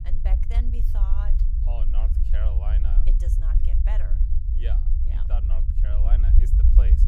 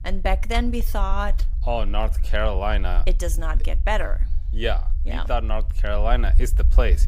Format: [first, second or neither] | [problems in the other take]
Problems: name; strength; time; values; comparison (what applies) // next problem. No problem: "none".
second | low rumble; loud; throughout; 1 dB below the speech; faint in the second